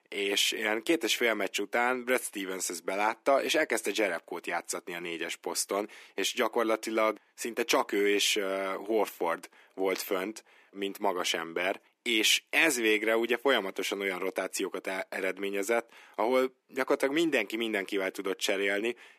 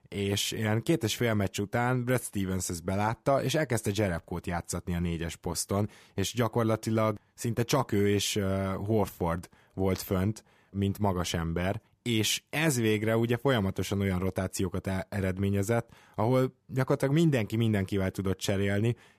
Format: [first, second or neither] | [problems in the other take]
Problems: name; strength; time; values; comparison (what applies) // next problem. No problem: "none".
second | thin; somewhat; fading below 300 Hz